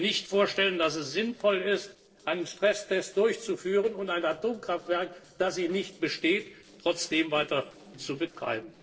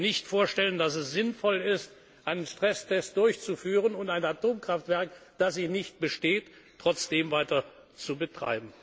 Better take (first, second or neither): second